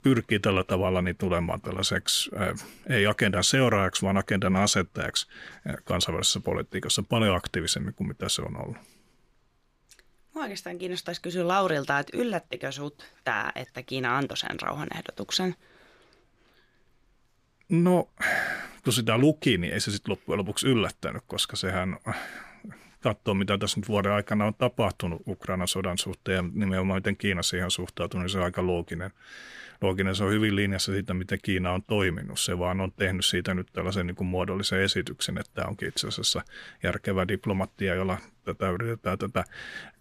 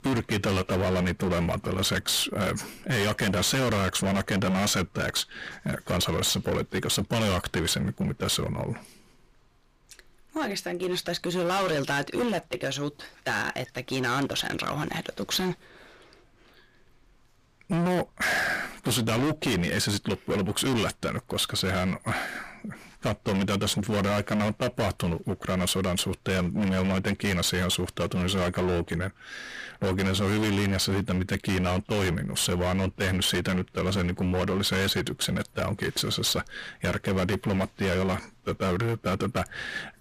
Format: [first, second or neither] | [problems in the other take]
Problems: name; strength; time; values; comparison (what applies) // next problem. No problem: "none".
first | distortion; heavy; 23% of the sound clipped